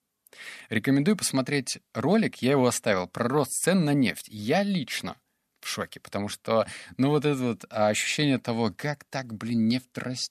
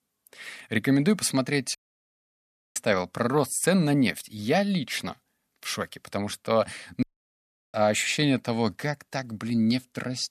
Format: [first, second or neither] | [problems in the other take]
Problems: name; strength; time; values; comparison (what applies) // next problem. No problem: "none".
first | audio cutting out; at 2 s for 1 s and at 7 s for 0.5 s